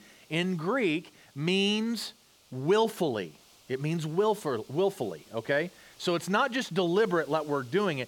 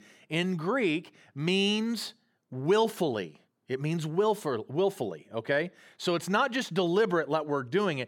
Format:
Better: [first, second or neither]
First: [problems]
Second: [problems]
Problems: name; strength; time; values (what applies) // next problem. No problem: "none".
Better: second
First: hiss; faint; throughout; 25 dB below the speech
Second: none